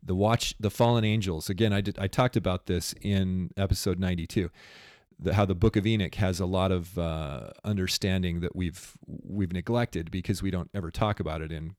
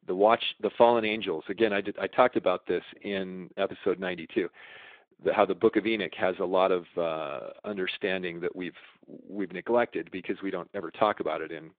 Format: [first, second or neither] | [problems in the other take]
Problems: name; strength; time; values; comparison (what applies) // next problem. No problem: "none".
first | phone-call audio; nothing above 3.5 kHz